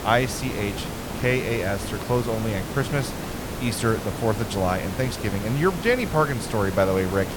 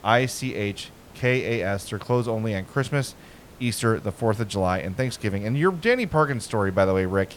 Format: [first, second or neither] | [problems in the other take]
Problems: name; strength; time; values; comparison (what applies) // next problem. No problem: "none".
second | hiss; loud; throughout; 7 dB below the speech; faint in the second